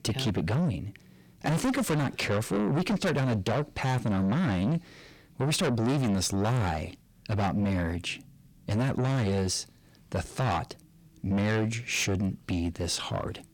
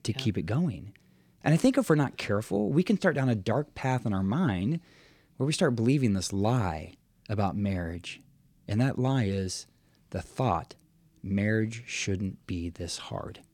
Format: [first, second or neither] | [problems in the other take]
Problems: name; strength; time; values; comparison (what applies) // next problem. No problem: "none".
second | distortion; heavy; 5 dB below the speech